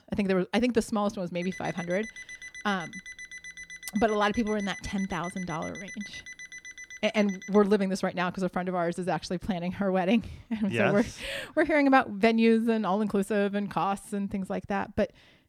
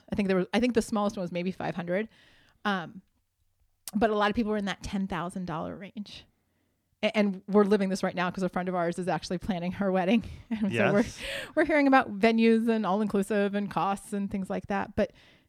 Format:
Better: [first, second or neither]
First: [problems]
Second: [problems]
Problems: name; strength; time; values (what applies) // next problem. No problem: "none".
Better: second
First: alarm; faint; from 1.5 to 7.5 s; peak 15 dB below the speech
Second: none